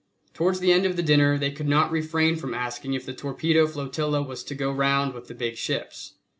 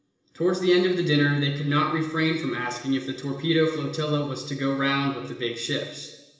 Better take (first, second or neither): first